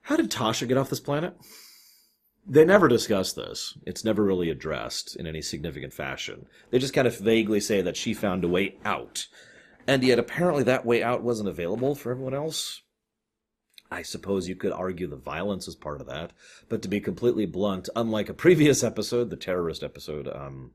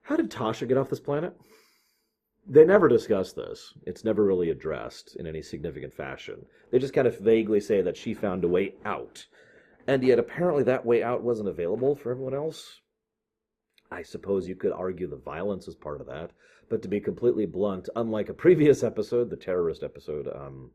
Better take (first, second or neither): first